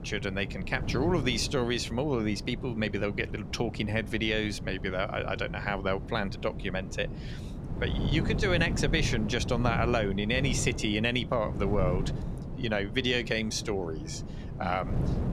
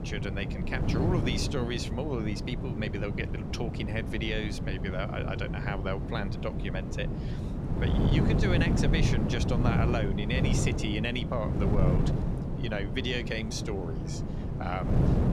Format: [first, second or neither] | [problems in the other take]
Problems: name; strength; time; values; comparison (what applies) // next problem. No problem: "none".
first | wind noise on the microphone; heavy; 4 dB below the speech; occasional gusts in the first